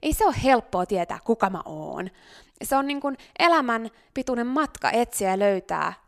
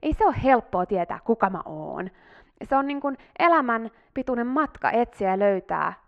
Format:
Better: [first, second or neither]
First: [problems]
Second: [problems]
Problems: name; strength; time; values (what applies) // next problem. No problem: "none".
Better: first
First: none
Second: muffled; very; fading above 1.5 kHz